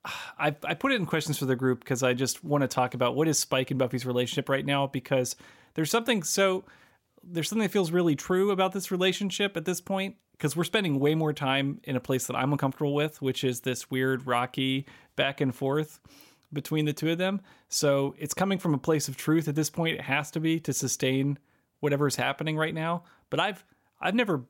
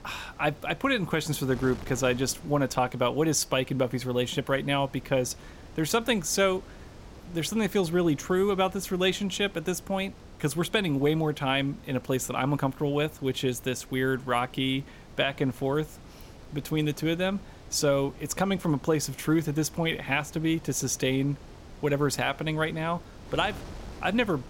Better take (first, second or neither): first